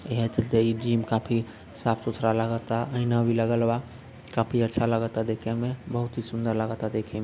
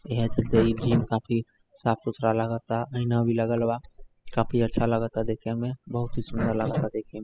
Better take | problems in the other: first | noise reduction (classical method spectral subtraction)

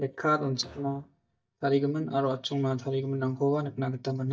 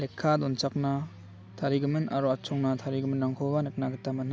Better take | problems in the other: second | noise reduction (neural mask model DeepFilterNet 3)

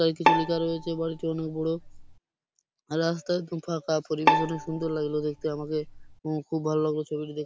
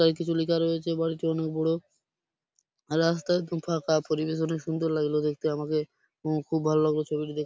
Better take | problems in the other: second | background sound (Bowed string instrument); as loud as the speech

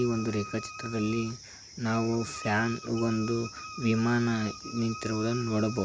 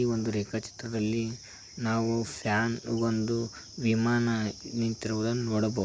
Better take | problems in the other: second | background sound (Wind instrument, woodwind instrument); 14 dB below the speech

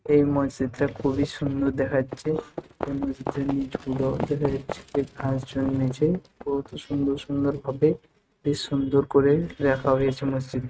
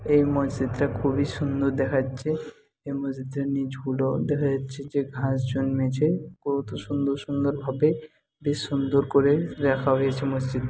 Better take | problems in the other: second | noise reduction (neural mask model RNNoise)

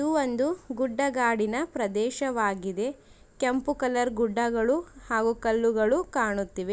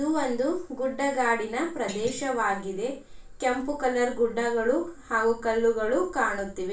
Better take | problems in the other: first | background sound (Thump, thud); 18 dB below the speech // room echo; dies away in 0.3 s

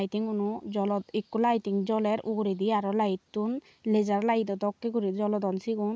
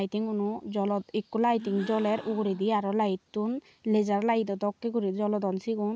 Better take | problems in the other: first | background sound (Gasp); 20 dB below the speech

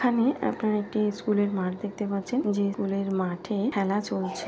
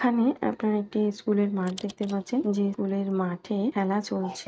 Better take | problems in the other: first | noise reduction (neural mask model RNNoise)

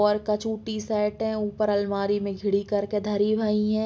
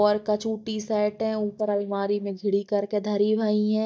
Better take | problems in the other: first | noise reduction (neural mask model DeepFilterNet 3)

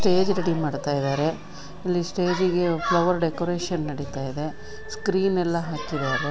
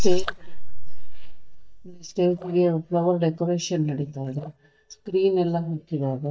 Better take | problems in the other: first | noise reduction (neural mask model DeepFilterNet 3)

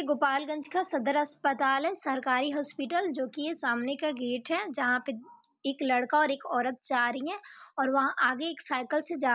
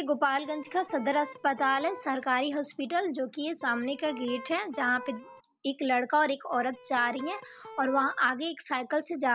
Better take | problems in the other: first | background sound (Electric guitar); 16 dB below the speech

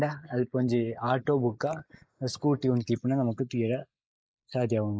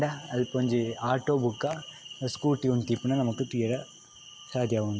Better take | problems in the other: second | noise reduction (neural mask model Resemble Enhance denoiser)

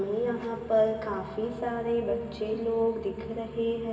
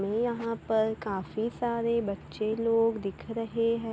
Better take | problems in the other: second | room echo; dies away in 2.6 s

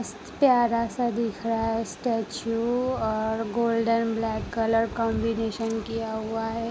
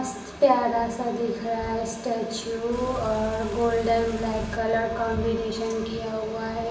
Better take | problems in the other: first | background sound (Car); 11 dB below the speech // room echo; dies away in 0.7 s

